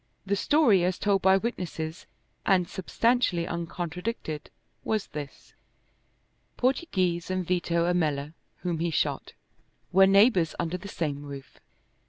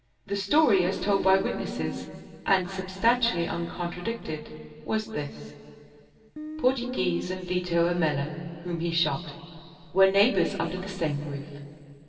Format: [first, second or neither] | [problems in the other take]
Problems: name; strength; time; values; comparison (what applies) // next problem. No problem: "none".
first | background sound (Guitar); 8 dB below the speech // room echo; dies away in 2.8 s